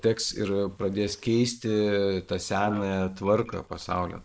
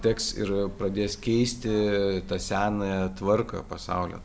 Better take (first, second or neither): second